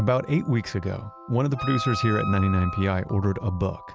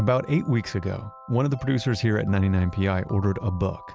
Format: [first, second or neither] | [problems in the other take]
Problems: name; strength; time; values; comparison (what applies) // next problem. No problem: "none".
second | background sound (Wind instrument, woodwind instrument); 9 dB below the speech